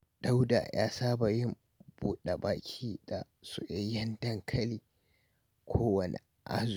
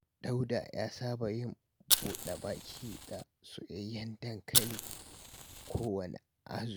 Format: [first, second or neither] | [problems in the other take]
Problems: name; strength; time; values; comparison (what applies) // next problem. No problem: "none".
first | background sound (Fire); 5 dB above the speech